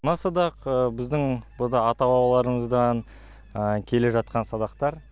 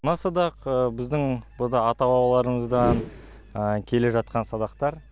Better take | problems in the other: first | background sound (Whoosh, swoosh, swish); 8 dB below the speech

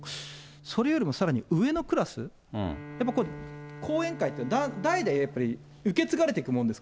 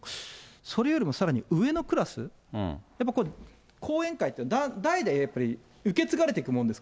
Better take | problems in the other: second | background sound (Bowed string instrument); 16 dB below the speech

